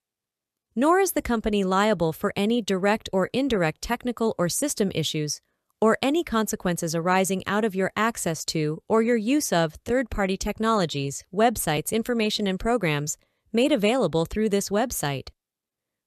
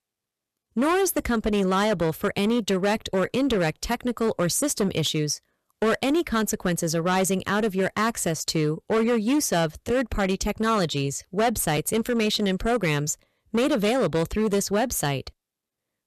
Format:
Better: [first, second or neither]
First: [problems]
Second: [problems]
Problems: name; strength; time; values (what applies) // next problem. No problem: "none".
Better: first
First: none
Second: distortion; slight; 11% of the sound clipped